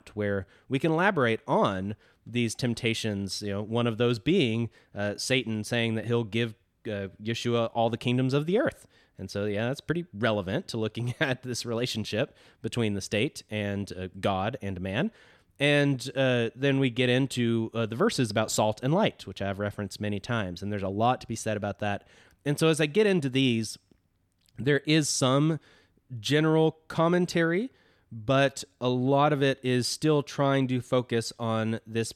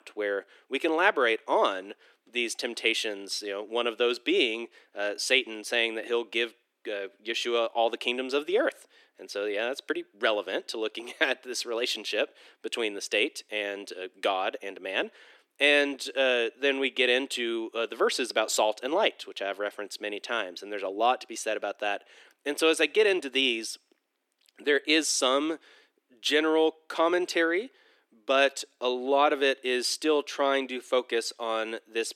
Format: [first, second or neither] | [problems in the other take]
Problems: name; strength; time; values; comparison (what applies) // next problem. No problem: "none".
first | thin; somewhat; fading below 300 Hz